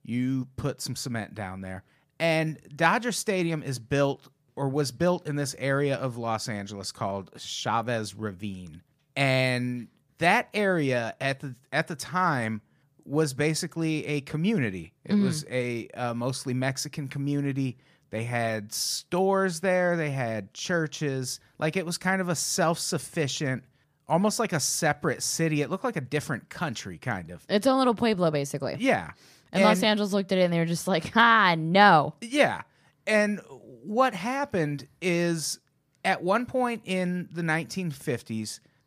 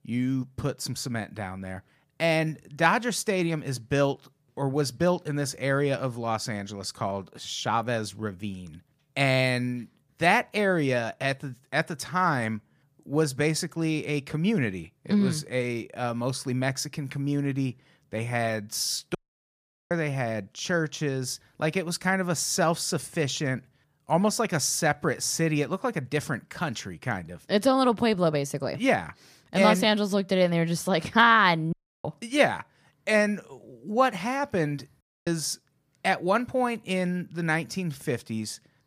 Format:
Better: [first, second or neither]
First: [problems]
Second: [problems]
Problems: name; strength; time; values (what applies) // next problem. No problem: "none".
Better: first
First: none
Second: audio cutting out; at 19 s for 1 s, at 32 s and at 35 s